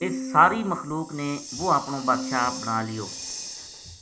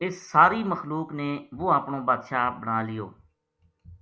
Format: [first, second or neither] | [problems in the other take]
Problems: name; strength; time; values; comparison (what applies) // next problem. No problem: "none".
second | background sound (Hiss + Piano); 9 dB below the speech